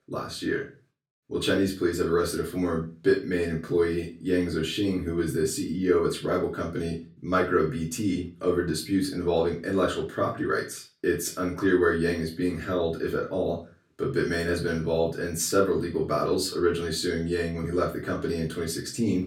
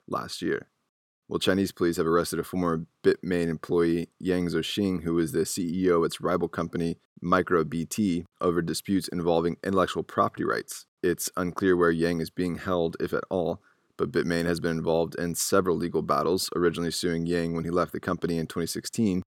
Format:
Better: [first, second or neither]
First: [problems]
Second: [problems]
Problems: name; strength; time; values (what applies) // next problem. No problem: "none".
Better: second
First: off-mic speech; far // room echo; slight; dies away in 0.3 s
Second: none